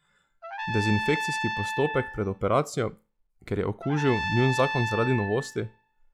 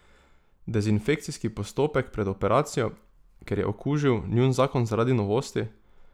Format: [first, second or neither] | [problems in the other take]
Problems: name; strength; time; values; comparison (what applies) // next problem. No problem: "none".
second | noise reduction (classical method log-MMSE)